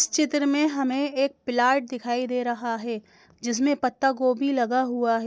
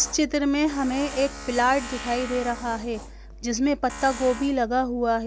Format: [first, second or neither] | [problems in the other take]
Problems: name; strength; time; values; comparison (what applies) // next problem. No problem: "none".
first | background sound (Tools); 13 dB below the speech